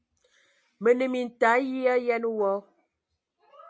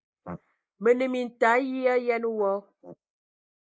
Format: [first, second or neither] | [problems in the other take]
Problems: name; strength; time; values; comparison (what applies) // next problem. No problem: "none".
first | noise reduction (neural mask model Resemble Enhance denoiser)